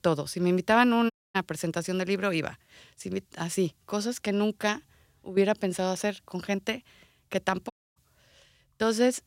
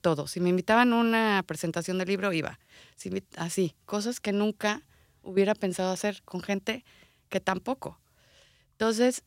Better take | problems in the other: second | audio cutting out; at 1 s and at 7.5 s

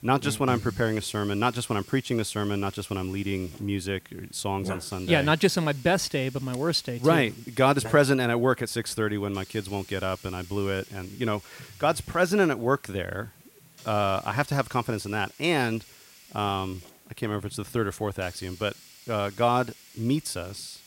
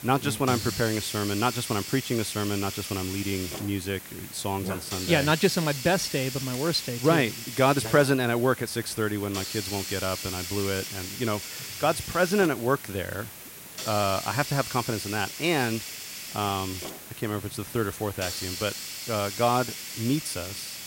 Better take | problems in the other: first | hiss; loud; throughout; 7 dB below the speech; faint in the first

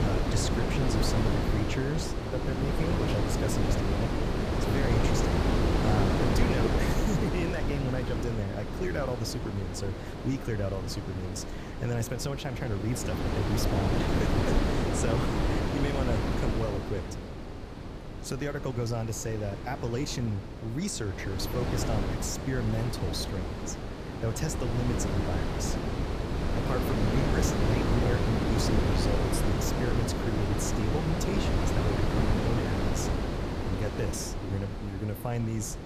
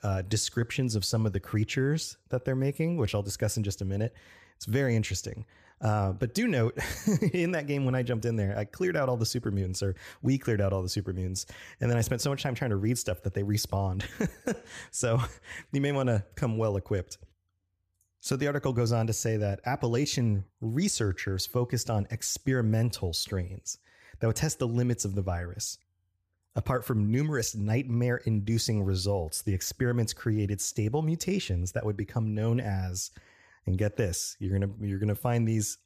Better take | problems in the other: second | wind noise on the microphone; heavy; 3 dB above the speech

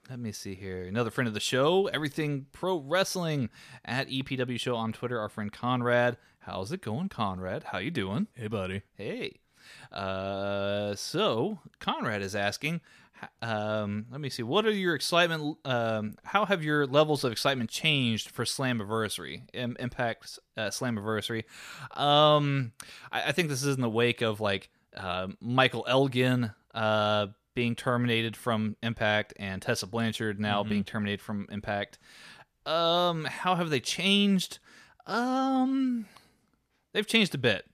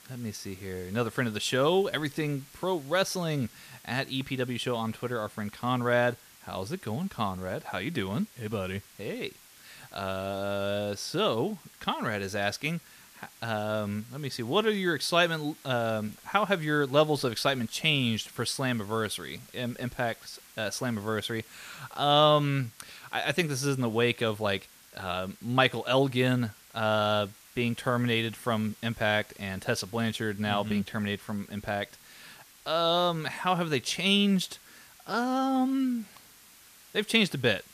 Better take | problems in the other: first | hiss; faint; throughout; 25 dB below the speech

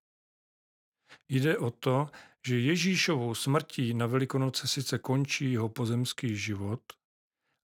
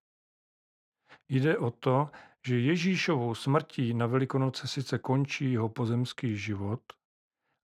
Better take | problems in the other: first | muffled; slightly; fading above 2.5 kHz

